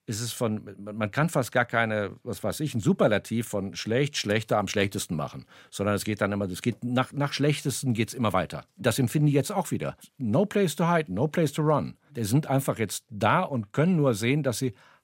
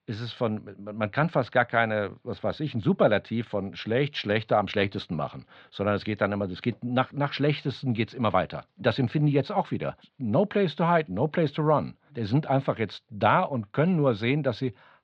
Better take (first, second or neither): first